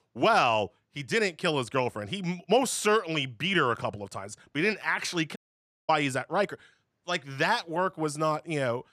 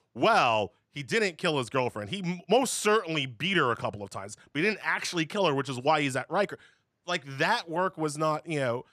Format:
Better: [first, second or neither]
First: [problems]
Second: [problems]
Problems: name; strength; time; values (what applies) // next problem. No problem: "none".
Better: second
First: audio cutting out; at 5.5 s for 0.5 s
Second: none